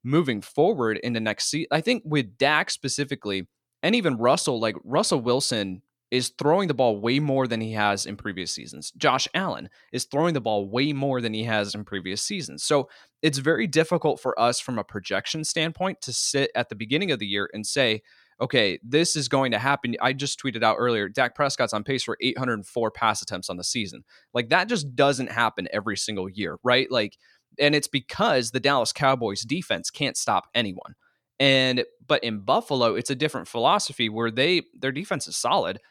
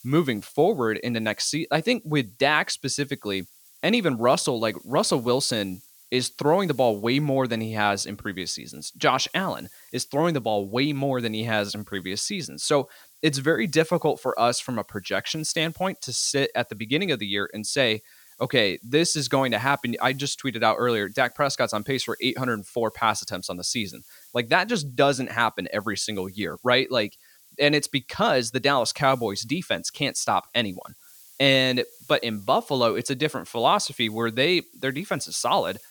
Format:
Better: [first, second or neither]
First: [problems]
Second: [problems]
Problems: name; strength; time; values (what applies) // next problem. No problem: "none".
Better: first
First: none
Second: hiss; faint; throughout; 25 dB below the speech